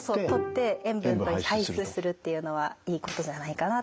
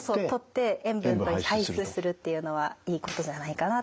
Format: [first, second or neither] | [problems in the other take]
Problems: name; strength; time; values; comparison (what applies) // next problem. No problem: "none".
second | background sound (Bowed string instrument); 9 dB below the speech